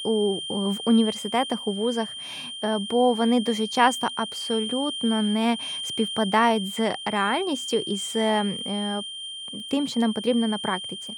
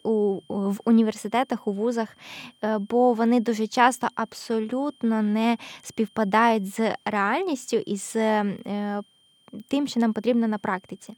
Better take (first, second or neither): second